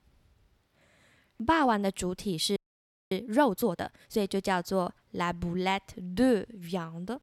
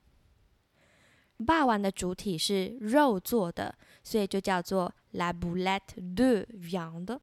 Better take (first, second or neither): second